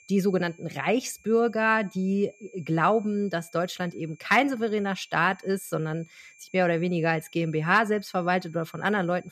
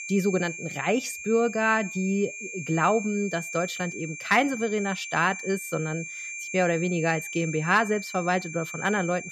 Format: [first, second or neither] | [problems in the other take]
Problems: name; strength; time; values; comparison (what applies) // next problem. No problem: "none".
first | high-pitched whine; loud; throughout; 2.5 kHz, 9 dB below the speech; faint in the first